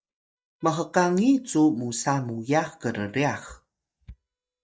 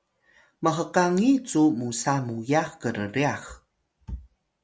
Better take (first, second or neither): second